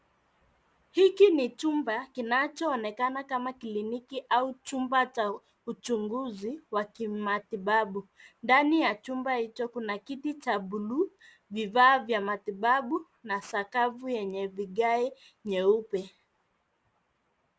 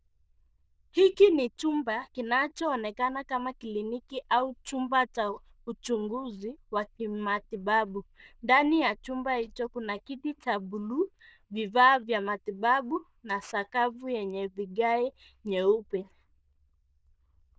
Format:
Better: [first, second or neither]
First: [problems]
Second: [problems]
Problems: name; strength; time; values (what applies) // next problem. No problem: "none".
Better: first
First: none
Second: noise reduction (neural diffusion model UNIVERSE++)